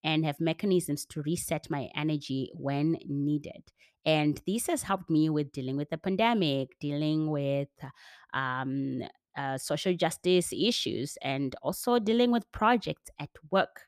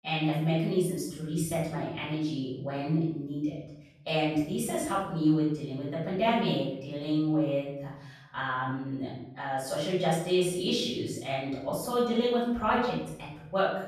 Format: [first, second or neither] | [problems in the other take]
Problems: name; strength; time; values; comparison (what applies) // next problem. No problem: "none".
first | off-mic speech; far // room echo; noticeable; dies away in 0.7 s